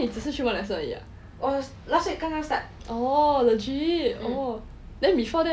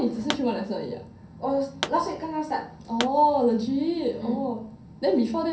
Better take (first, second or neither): first